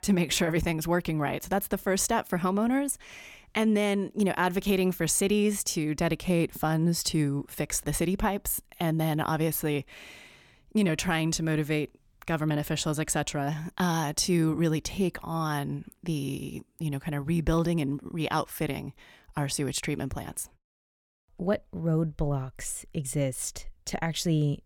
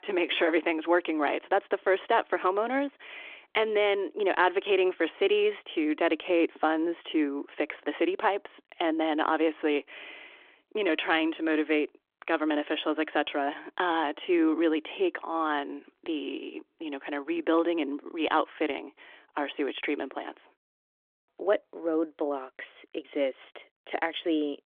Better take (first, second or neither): first